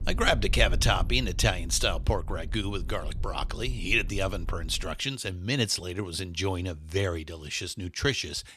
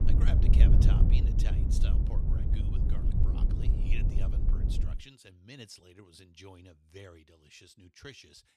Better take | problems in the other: first | wind noise on the microphone; heavy; until 5 s; 4 dB above the speech; occasional gusts in the first

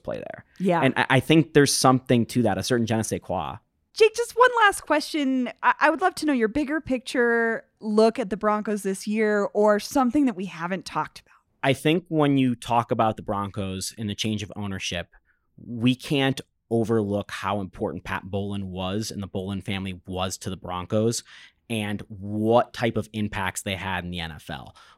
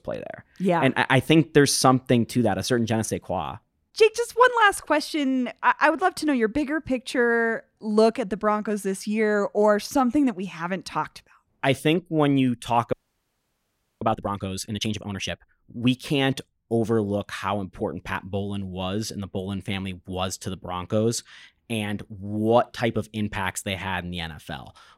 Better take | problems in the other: first | audio freezing; at 13 s for 1 s

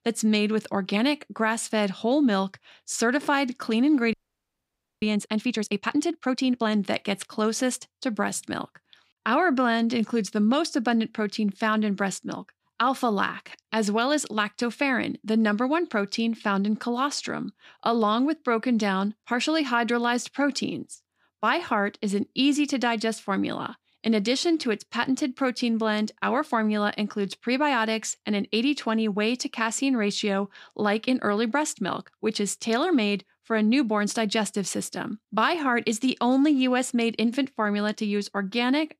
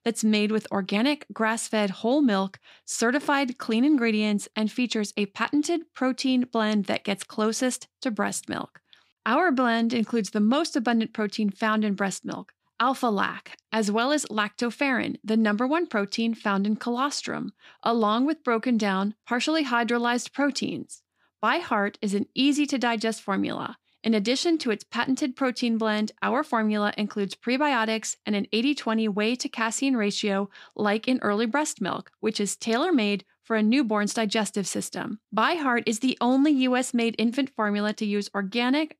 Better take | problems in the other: second | audio freezing; at 4 s for 1 s

